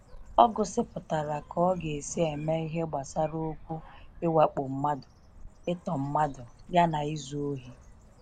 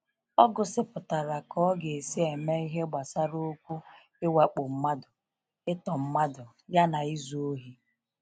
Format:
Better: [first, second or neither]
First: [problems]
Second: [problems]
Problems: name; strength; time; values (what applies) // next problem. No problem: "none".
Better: second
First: background sound (Bird); 19 dB below the speech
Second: none